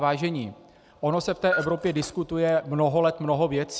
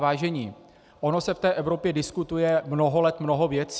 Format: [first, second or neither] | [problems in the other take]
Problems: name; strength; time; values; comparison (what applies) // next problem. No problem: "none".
second | background sound (Cutlery, silverware + Bell); 12 dB below the speech